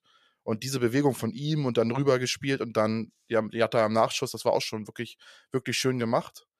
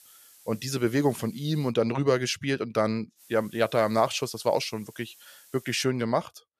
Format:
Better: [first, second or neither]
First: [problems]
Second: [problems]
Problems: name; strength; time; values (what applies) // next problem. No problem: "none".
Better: first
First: none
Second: hiss; faint; until 1.5 s and from 3 to 6 s; 25 dB below the speech